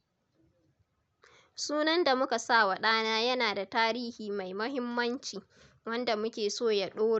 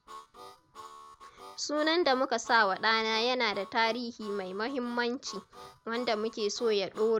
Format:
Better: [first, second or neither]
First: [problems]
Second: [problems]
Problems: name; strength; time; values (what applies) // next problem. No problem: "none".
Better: first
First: none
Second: background sound (Harmonica); 19 dB below the speech